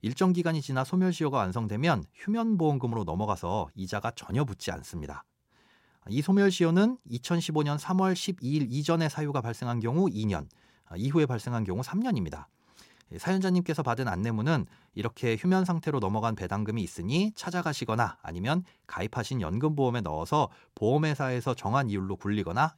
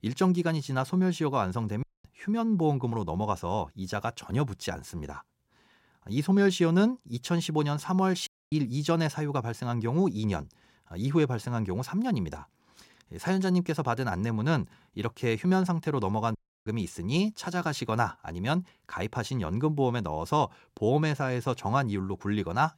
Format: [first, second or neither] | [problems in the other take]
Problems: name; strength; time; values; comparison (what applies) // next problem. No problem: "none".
first | audio cutting out; at 2 s, at 8.5 s and at 16 s